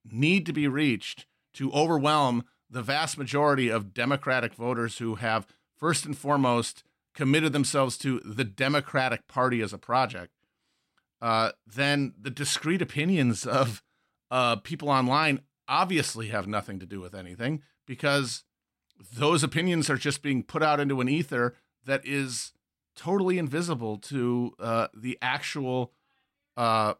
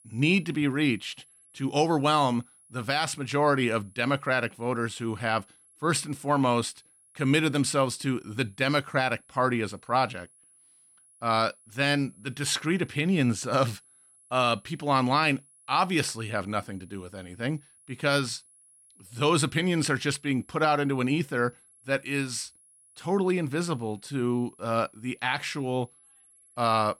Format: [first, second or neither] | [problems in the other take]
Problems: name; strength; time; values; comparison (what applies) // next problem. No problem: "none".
first | high-pitched whine; faint; throughout; 10.5 kHz, 30 dB below the speech